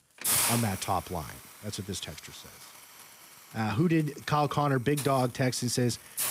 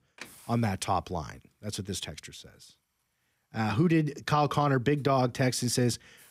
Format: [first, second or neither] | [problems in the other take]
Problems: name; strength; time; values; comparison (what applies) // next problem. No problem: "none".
second | hiss; loud; throughout; 1 dB below the speech; faint in the second